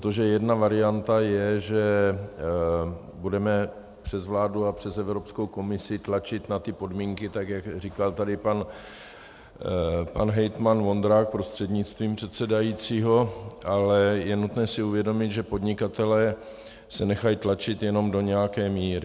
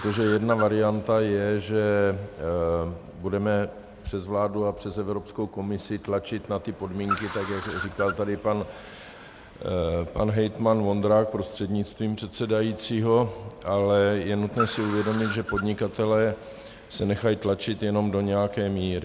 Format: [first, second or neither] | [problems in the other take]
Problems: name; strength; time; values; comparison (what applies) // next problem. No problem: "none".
first | background sound (Car); 14 dB below the speech